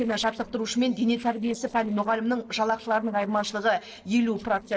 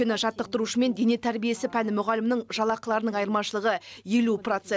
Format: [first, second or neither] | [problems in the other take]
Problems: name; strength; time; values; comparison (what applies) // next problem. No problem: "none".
second | noise reduction (neural separator model SepFormer DNS4)